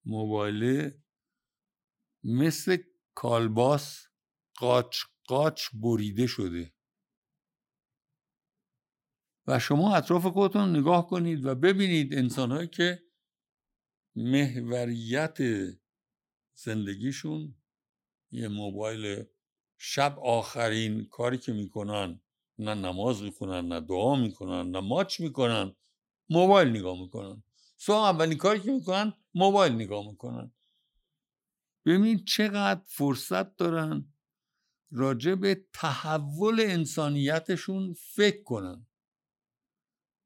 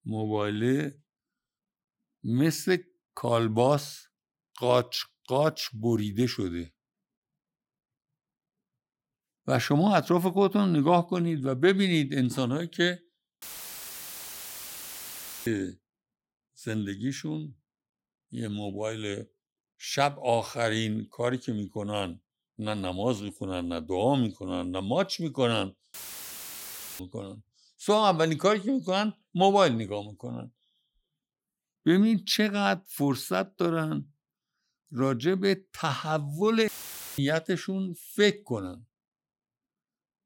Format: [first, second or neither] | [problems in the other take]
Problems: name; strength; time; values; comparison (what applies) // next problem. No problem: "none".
first | audio cutting out; filled with static; at 13 s for 2 s, at 26 s for 1 s and at 37 s for 0.5 s